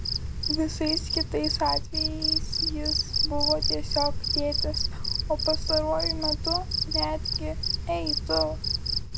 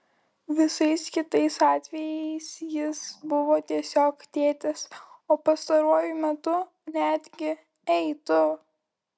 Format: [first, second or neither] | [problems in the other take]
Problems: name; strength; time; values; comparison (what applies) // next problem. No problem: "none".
second | background sound (Cricket); 3 dB above the speech